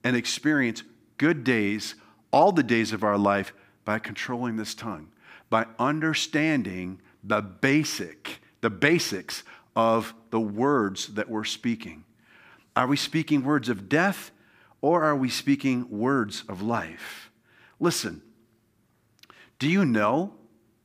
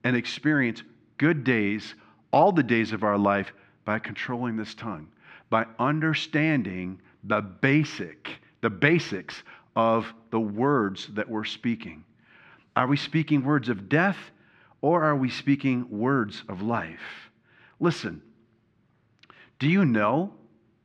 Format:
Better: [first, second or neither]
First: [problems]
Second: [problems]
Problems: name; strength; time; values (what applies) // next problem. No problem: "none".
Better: first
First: none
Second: muffled; slightly; fading above 3 kHz